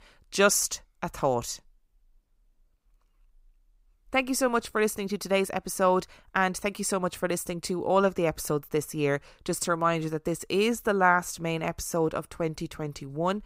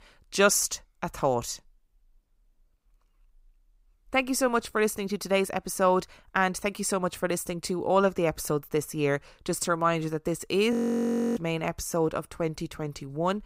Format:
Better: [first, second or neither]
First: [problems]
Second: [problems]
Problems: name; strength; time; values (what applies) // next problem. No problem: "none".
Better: first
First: none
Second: audio freezing; at 11 s for 0.5 s